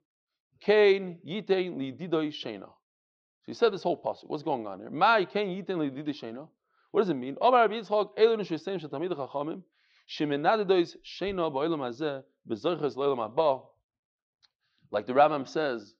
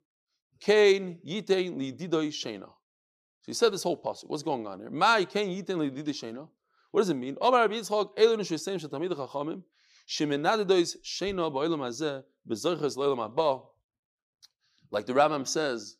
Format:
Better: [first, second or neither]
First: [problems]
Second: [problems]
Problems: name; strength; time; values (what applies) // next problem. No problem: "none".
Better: second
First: muffled; slightly; fading above 4 kHz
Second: none